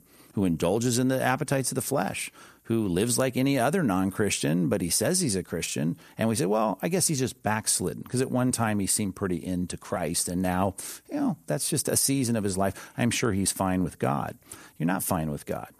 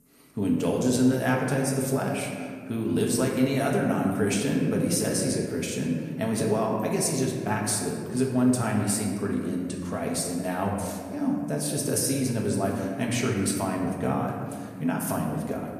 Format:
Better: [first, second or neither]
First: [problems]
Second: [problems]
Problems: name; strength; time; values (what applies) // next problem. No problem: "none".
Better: first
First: none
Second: room echo; noticeable; dies away in 1.7 s // off-mic speech; somewhat distant